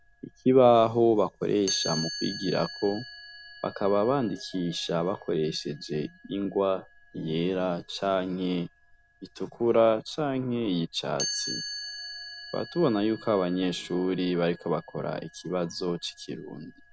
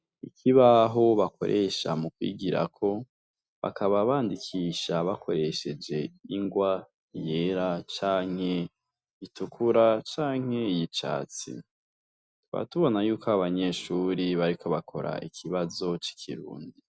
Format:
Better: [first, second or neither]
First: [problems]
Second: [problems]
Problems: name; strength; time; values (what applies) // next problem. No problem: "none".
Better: second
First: background sound (Chime); 14 dB below the speech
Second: none